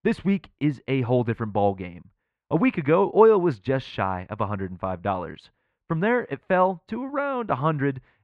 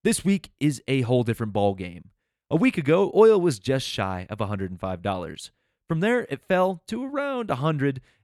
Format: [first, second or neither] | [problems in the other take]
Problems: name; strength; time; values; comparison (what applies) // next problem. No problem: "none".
second | muffled; very; fading above 2 kHz